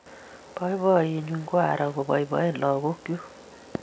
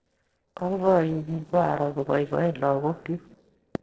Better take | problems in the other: first | noise reduction (neural separator model SepFormer DNS4)

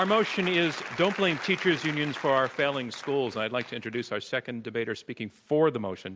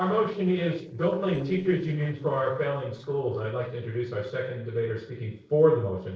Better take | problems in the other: first | noise reduction (neural separator model SepFormer DNS4)

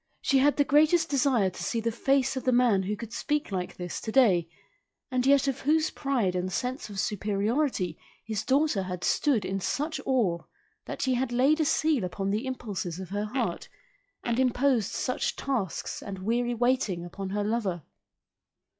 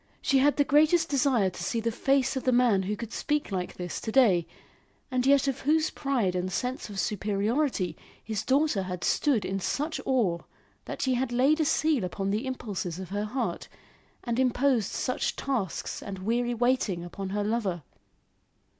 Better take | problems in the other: second | noise reduction (classical method log-MMSE)

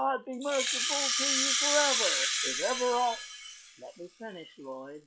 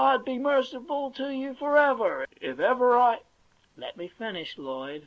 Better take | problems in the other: second | noise reduction (classical method log-MMSE)

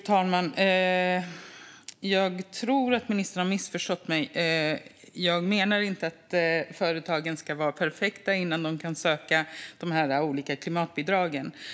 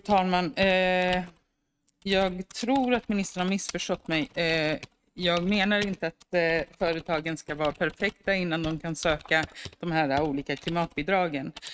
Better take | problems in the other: first | noise reduction (neural mask model RNNoise)

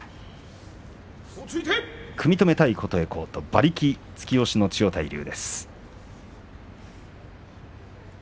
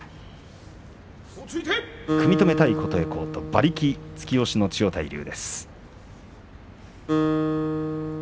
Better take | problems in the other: first | background sound (Acoustic guitar); 3 dB below the speech

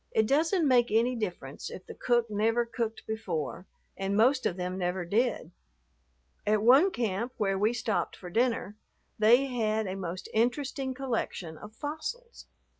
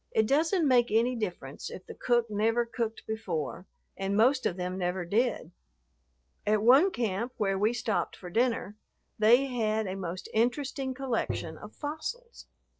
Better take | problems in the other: first | noise reduction (neural separator model SepFormer DNS4)

